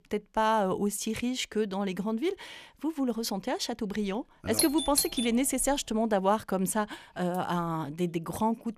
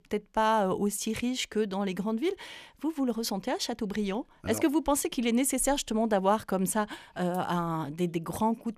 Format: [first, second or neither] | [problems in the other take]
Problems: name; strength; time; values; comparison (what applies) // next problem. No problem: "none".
second | doorbell; loud; at 4.5 s; peak 1 dB above the speech